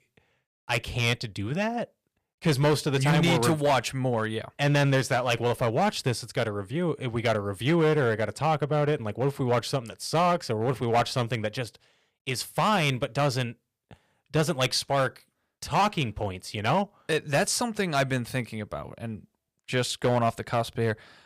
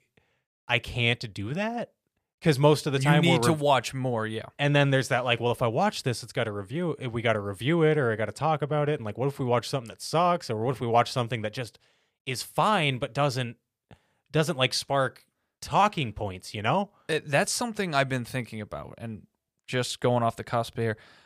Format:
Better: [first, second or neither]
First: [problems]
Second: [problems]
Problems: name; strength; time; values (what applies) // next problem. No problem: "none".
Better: second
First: distortion; slight; 5% of the sound clipped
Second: none